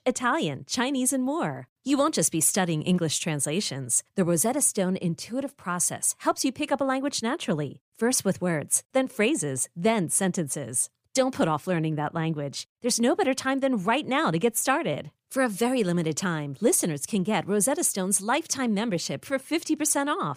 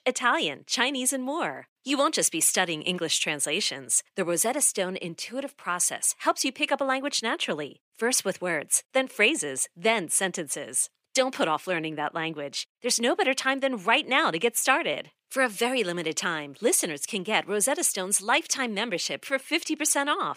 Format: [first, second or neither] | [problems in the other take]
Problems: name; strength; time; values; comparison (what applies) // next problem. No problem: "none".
first | thin; somewhat; fading below 300 Hz